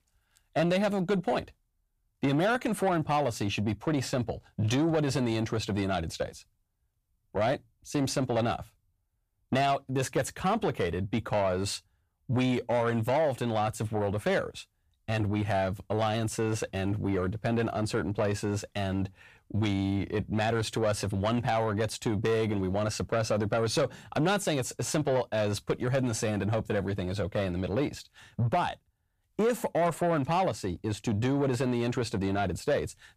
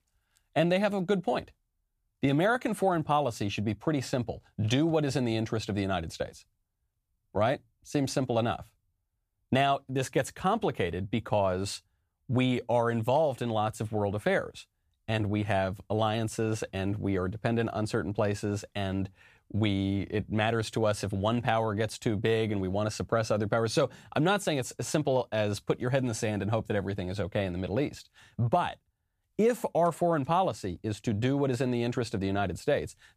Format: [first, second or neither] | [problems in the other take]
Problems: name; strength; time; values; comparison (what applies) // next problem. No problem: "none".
second | distortion; slight; 10 dB below the speech